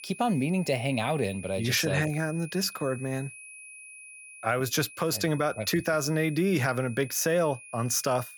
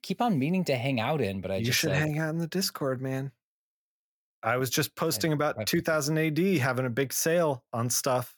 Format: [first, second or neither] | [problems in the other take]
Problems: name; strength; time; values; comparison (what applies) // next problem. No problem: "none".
second | high-pitched whine; noticeable; throughout; 2.5 kHz, 15 dB below the speech